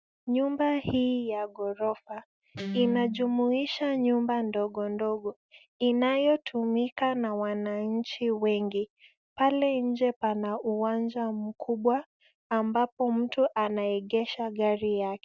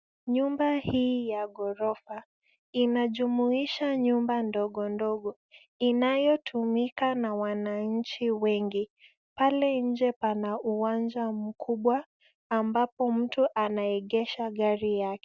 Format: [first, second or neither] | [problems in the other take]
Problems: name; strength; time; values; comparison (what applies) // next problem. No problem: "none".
second | background sound (Guitar); 8 dB below the speech